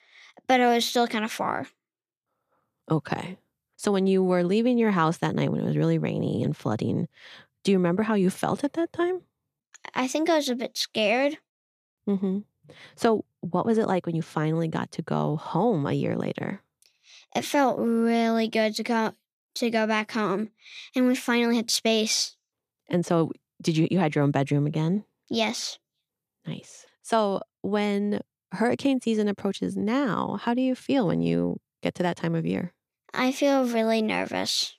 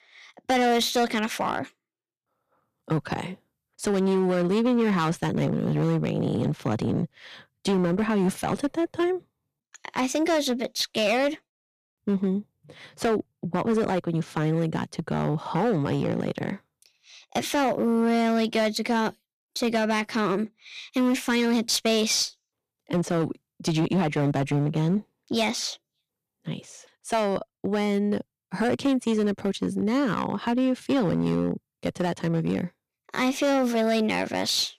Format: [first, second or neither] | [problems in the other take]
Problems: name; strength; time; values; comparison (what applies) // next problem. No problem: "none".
first | distortion; slight; 9% of the sound clipped